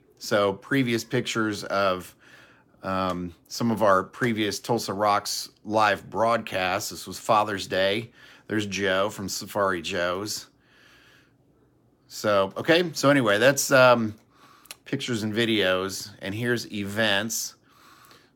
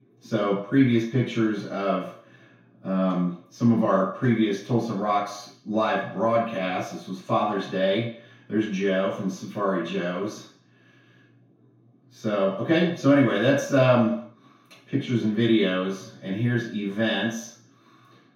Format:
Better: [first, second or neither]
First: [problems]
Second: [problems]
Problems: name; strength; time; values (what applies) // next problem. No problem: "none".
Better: first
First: none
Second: room echo; noticeable; dies away in 0.5 s // off-mic speech; far